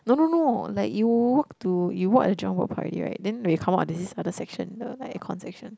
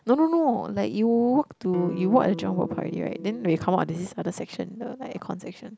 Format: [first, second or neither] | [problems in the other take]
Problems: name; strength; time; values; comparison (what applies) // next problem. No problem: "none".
first | background sound (Electric guitar); 12 dB below the speech